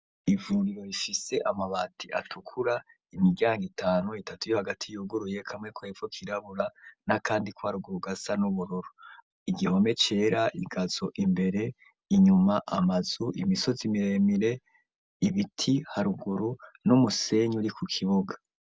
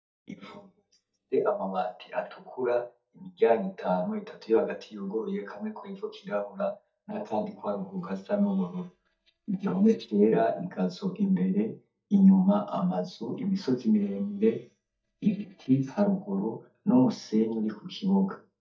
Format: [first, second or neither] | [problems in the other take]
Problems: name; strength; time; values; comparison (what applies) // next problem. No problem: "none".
first | noise reduction (neural mask model DeepFilterNet 3)